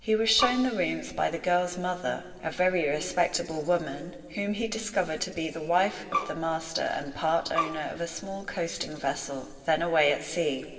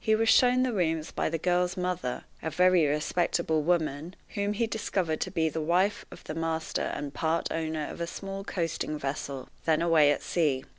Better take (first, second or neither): second